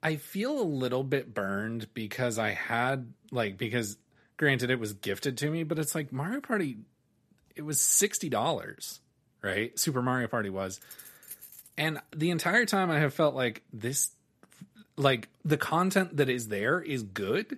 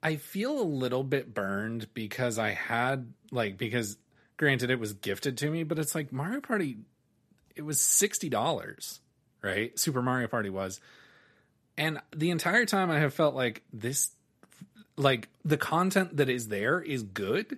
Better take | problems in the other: second | jangling keys; faint; from 11 to 12 s; peak 15 dB below the speech

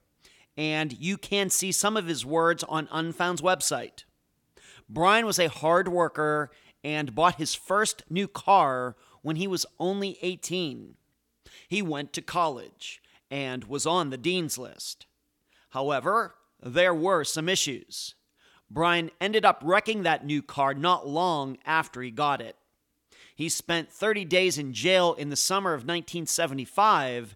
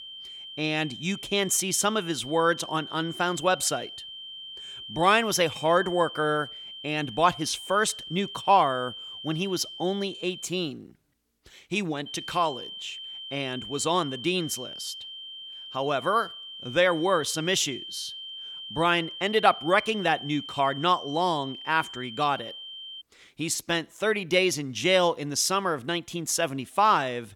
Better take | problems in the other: first | high-pitched whine; noticeable; until 10 s and from 12 to 23 s; 3 kHz, 10 dB below the speech

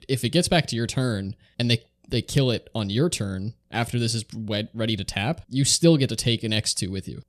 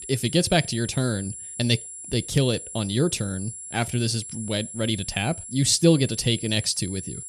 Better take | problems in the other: first | high-pitched whine; noticeable; throughout; 10.5 kHz, 10 dB below the speech

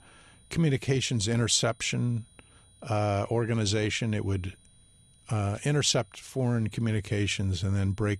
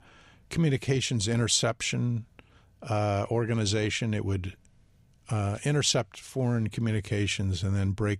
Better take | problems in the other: second | high-pitched whine; faint; throughout; 9.5 kHz, 30 dB below the speech

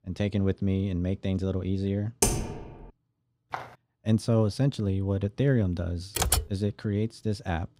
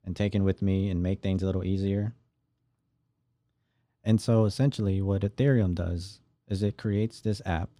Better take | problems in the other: second | keyboard typing; loud; at 2 s and at 6 s; peak 3 dB above the speech // footsteps; faint; at 3.5 s; peak 10 dB below the speech

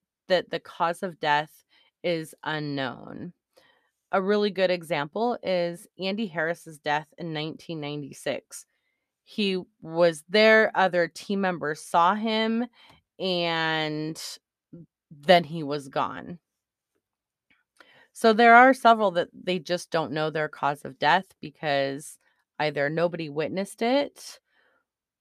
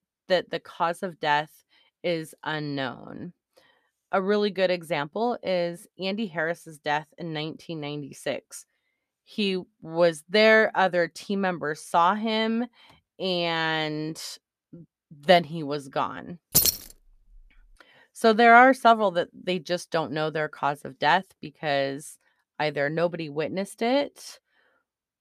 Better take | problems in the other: first | jangling keys; loud; at 17 s; peak 5 dB above the speech

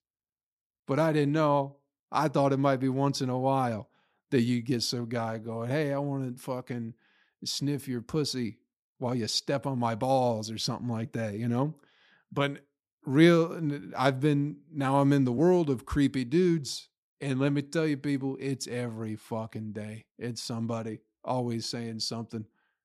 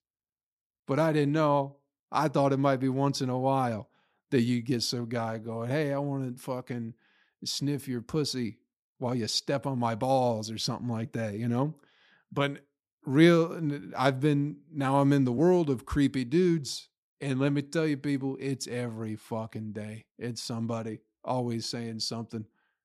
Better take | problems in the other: neither | none

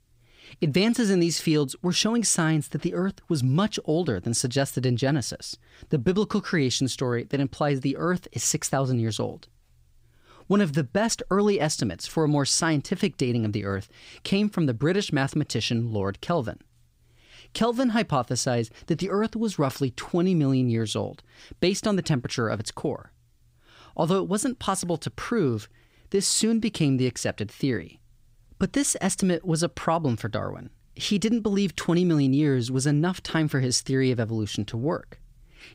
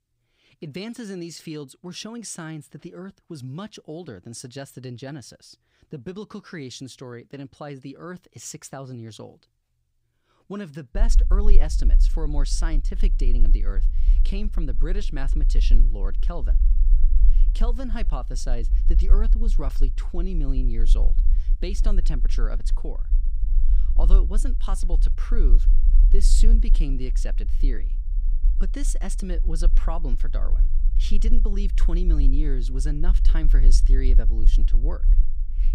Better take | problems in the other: first | low rumble; noticeable; from 11 s on; 10 dB below the speech

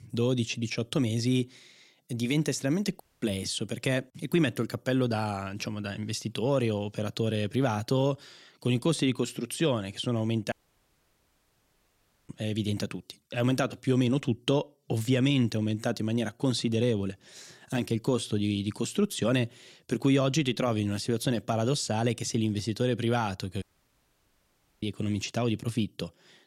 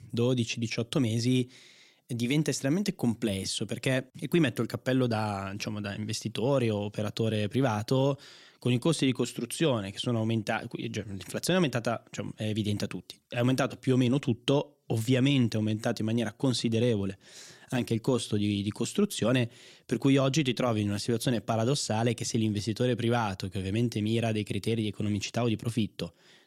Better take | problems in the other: second | audio cutting out; at 3 s, at 11 s for 2 s and at 24 s for 1 s

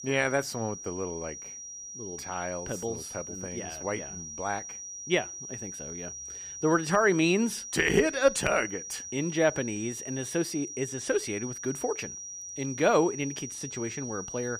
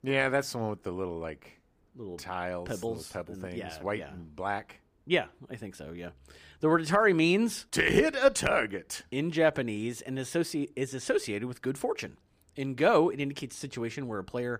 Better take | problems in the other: second | high-pitched whine; loud; throughout; 6 kHz, 9 dB below the speech

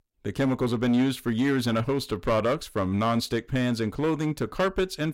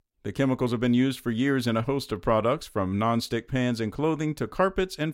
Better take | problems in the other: second | distortion; slight; 7% of the sound clipped

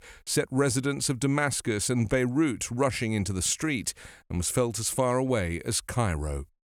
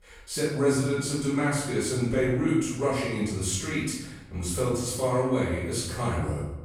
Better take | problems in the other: first | off-mic speech; far // room echo; strong; dies away in 0.9 s

